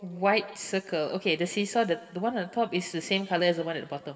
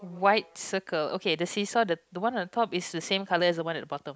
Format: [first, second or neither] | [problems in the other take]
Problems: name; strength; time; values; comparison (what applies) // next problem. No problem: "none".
second | room echo; dies away in 1.4 s